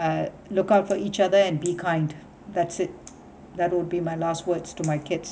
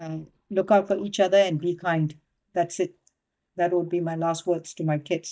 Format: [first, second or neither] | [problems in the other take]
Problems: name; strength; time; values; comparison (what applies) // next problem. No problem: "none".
first | noise reduction (neural mask model DeepFilterNet 3)